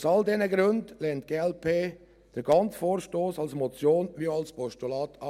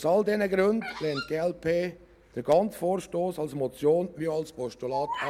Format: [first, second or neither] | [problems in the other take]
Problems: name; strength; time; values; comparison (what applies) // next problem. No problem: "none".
first | background sound (Bird vocalization, bird call, bird song); 14 dB below the speech